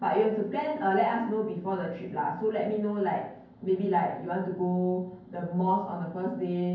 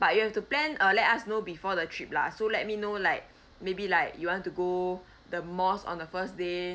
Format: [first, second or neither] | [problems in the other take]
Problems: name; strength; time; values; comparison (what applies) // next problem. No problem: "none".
second | room echo; dies away in 0.9 s